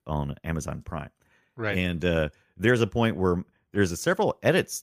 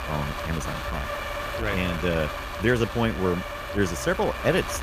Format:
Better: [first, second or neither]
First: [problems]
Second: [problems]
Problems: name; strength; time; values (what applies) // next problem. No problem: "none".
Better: first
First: none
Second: wind noise on the microphone; heavy; 3 dB below the speech